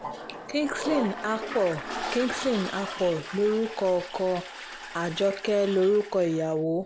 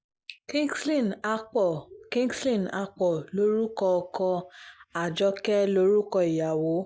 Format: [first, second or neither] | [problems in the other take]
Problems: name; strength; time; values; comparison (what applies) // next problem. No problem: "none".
second | background sound (Toilet flush); 10 dB below the speech